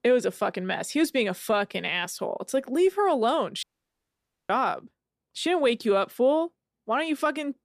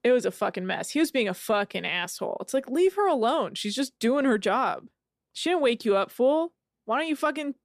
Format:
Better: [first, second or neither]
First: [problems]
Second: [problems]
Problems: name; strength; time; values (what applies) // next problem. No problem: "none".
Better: second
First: audio cutting out; at 3.5 s for 1 s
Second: none